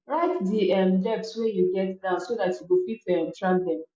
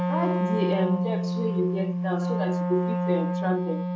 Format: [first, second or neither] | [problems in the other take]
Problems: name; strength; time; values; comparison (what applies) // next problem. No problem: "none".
first | background sound (Wind instrument, woodwind instrument); 2 dB above the speech